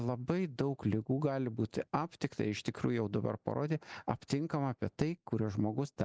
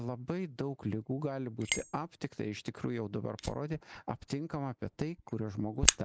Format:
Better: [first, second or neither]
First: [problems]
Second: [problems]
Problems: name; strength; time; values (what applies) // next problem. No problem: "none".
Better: first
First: none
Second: background sound (Fire); 2 dB below the speech